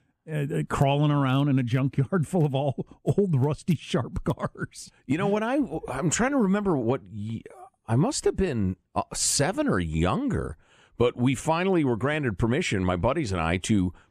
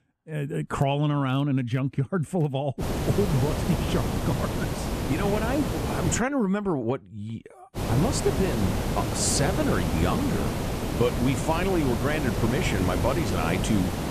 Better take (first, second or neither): first